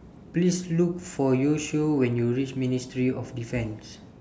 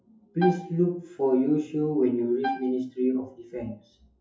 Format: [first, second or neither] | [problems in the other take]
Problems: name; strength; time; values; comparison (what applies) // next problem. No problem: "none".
first | noise reduction (classical method WPE with log-MMSE)